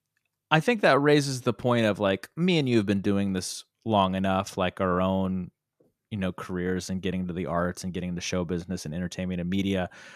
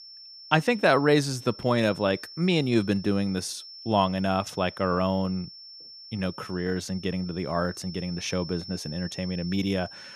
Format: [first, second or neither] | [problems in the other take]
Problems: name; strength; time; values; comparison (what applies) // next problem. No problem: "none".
first | high-pitched whine; noticeable; throughout; 5.5 kHz, 15 dB below the speech